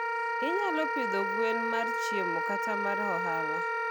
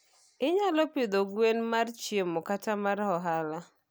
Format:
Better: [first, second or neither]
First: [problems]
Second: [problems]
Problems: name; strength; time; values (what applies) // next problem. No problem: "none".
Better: second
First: background sound (Wind instrument, woodwind instrument); 4 dB above the speech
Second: none